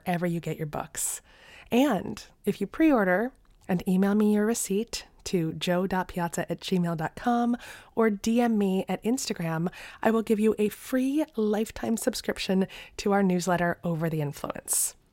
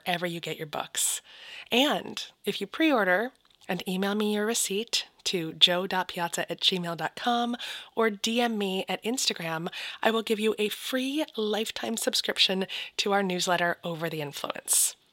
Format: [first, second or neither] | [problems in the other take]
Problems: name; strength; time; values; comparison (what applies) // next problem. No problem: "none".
first | thin; very slightly; fading below 500 Hz